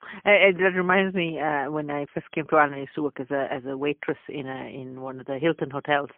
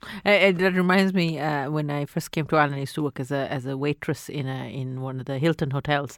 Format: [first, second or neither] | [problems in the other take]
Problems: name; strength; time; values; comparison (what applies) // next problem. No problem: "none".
second | phone-call audio; poor line; nothing above 3 kHz